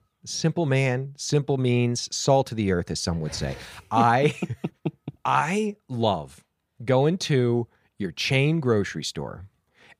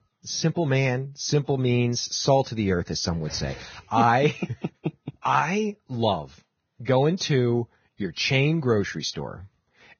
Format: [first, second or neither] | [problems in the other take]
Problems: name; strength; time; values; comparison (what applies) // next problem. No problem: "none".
first | garbled, watery; badly; nothing above 6.5 kHz